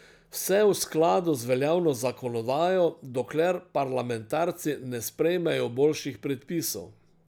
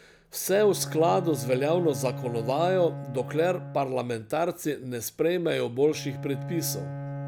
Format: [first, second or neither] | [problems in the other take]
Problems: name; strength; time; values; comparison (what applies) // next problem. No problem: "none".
first | background sound (Bowed string instrument); 10 dB below the speech